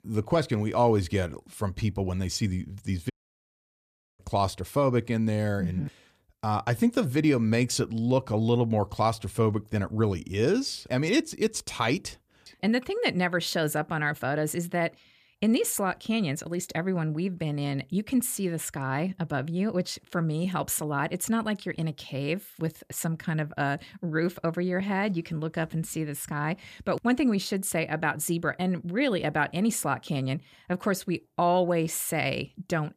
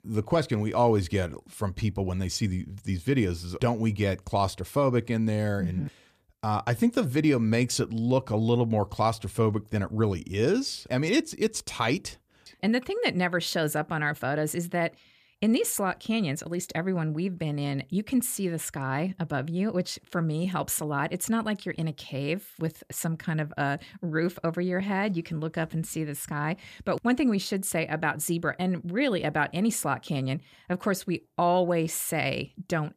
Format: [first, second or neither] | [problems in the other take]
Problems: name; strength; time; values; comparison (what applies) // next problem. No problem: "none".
second | audio cutting out; at 3 s for 1 s